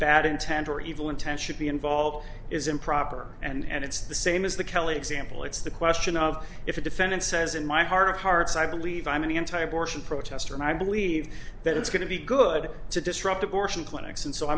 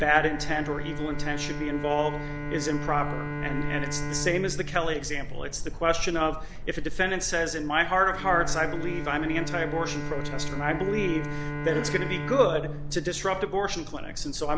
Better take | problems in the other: first | background sound (Bowed string instrument); 9 dB below the speech

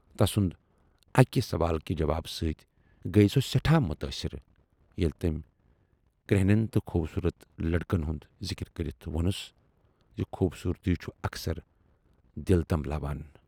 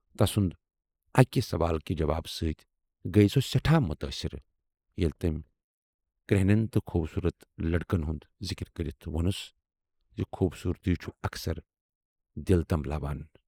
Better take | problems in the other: first | noise reduction (neural mask model Resemble Enhance denoiser)

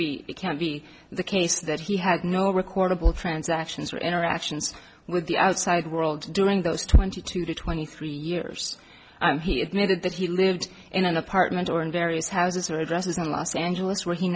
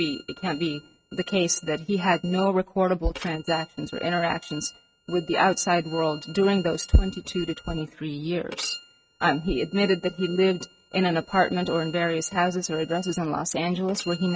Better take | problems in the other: first | noise reduction (neural mask model RNNoise)

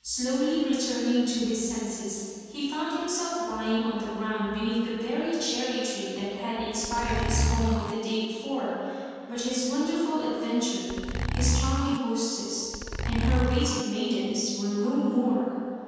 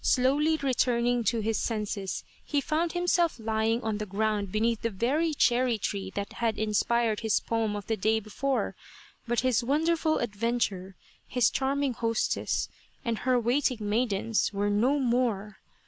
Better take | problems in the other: second | background sound (Zipper (clothing)); as loud as the speech // room echo; dies away in 2.1 s

